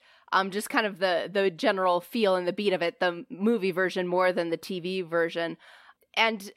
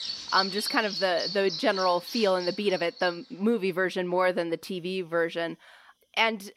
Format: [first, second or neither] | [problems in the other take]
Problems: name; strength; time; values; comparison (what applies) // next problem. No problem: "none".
first | animal sounds; loud; throughout; 6 dB below the speech